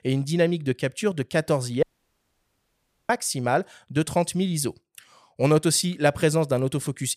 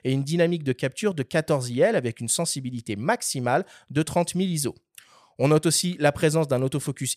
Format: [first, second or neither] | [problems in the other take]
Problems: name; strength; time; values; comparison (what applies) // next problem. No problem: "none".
second | audio cutting out; at 2 s for 1.5 s